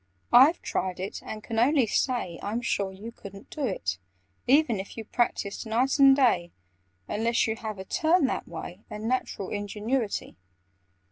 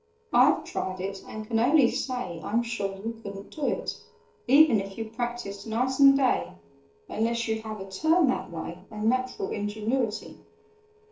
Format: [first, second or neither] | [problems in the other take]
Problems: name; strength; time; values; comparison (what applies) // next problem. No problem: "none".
first | noise reduction (neural separator model SepFormer DNS4)